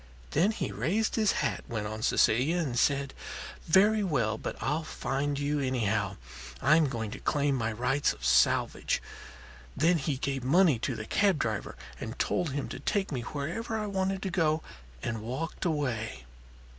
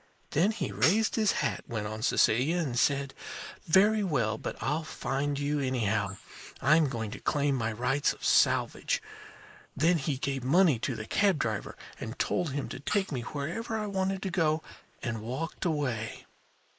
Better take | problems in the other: first | noise reduction (neural mask model Resemble Enhance denoiser)

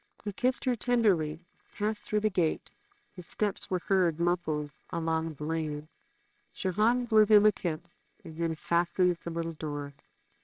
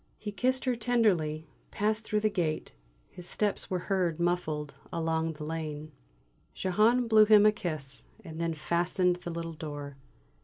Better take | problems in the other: second | noise reduction (neural separator model SepFormer WHAMR!)

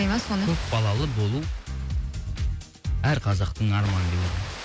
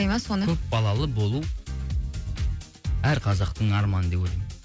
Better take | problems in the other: second | background sound (Water); 16 dB below the speech

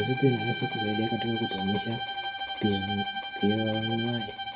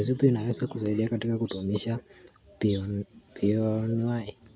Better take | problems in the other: second | background sound (Bowed string instrument); 4 dB below the speech // room echo; dies away in 0.5 s

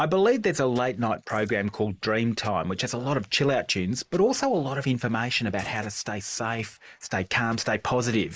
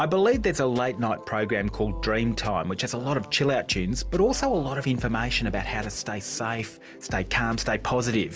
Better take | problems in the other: second | noise reduction (neural mask model Resemble Enhance denoiser)

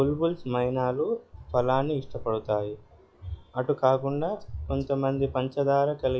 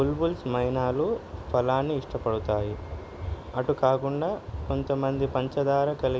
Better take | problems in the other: second | noise reduction (classical method log-MMSE)

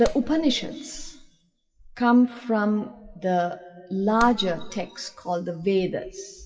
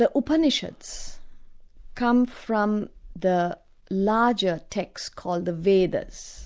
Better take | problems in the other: second | noise reduction (classical method WPE with log-MMSE)

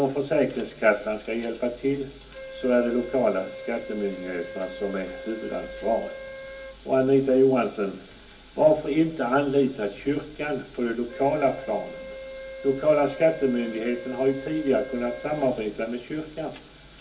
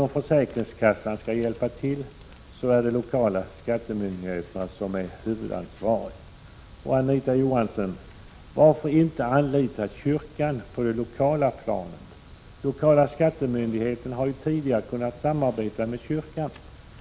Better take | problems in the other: second | background sound (Wind instrument, woodwind instrument); 16 dB below the speech // room echo; dies away in 0.3 s

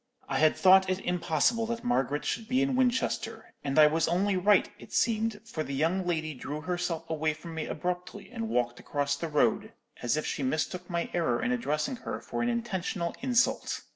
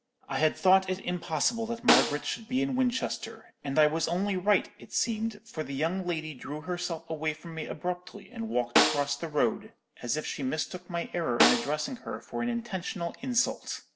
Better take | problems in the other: first | background sound (Snare drum); as loud as the speech

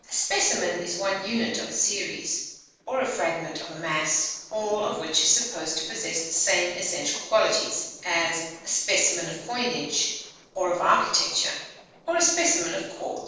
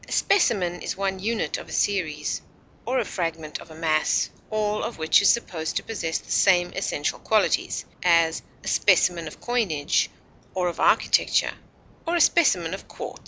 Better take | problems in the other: second | noise reduction (neural separator model SepFormer DNS4)

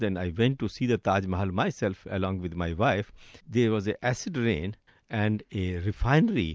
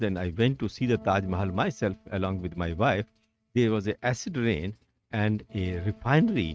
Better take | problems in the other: first | noise reduction (neural mask model RNNoise)

